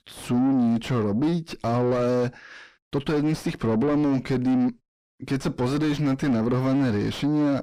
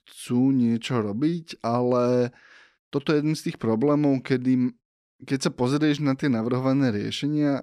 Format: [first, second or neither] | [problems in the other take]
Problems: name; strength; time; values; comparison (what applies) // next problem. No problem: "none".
second | distortion; heavy; 6 dB below the speech